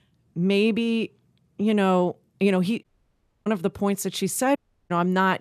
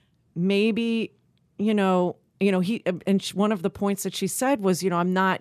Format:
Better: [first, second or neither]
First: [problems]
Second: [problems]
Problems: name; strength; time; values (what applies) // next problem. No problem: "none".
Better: second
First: audio cutting out; at 3 s for 0.5 s and at 4.5 s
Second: none